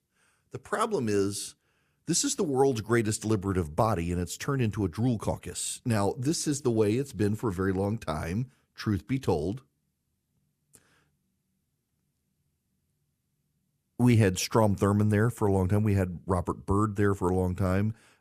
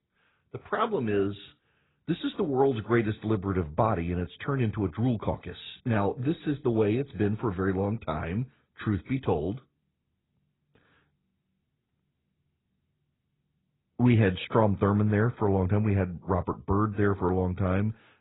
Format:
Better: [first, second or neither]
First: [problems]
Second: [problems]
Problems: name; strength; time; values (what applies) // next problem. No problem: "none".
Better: first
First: none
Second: garbled, watery; badly; nothing above 4 kHz